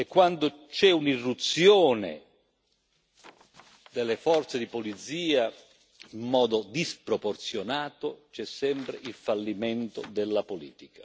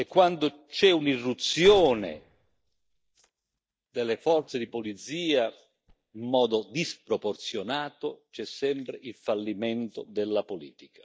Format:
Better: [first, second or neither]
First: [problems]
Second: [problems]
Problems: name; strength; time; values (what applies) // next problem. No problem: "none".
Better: first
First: none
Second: noise reduction (neural mask model DeepFilterNet 3)